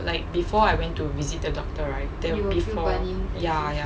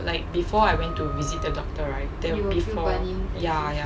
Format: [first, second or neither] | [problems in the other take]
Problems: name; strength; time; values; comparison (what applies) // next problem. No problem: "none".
first | background sound (Wind instrument, woodwind instrument); 14 dB below the speech